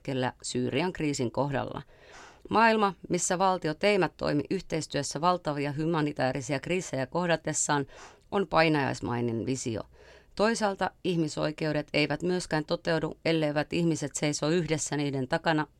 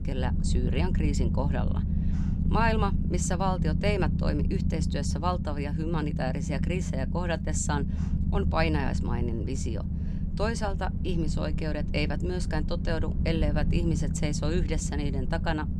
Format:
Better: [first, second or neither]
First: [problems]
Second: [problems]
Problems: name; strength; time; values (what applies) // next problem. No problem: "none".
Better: first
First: none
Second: low rumble; loud; throughout; 8 dB below the speech